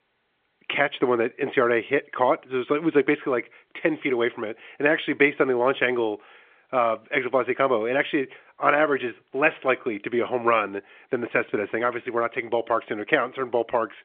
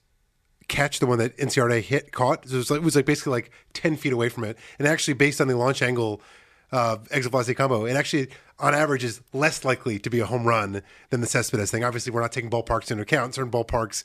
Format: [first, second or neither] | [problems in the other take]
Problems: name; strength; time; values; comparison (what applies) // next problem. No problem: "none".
second | phone-call audio; nothing above 3.5 kHz